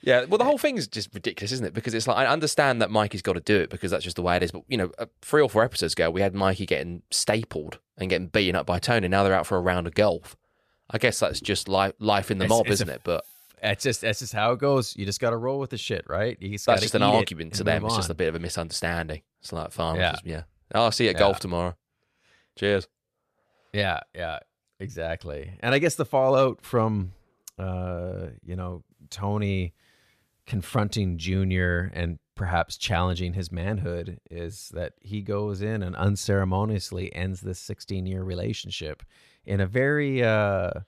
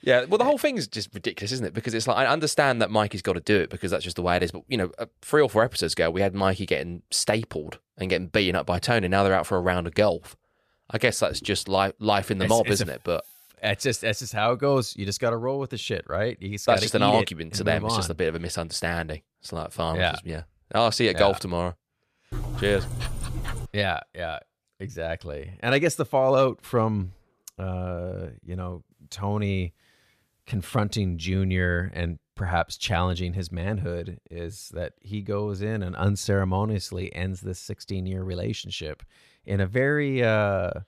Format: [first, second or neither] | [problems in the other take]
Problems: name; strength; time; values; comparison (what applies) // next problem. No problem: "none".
first | dog barking; noticeable; from 22 to 24 s; peak 7 dB below the speech